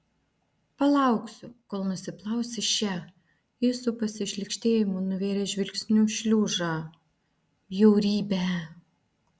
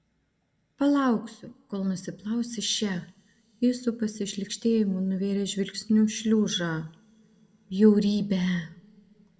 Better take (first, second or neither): first